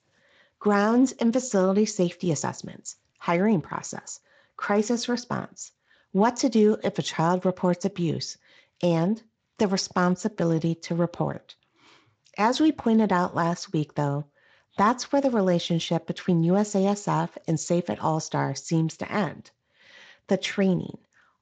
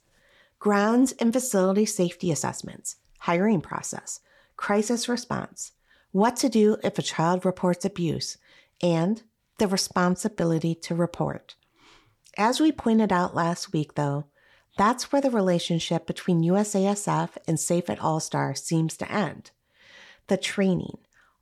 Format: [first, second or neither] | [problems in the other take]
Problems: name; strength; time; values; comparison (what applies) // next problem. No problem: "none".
second | garbled, watery; slightly; nothing above 7.5 kHz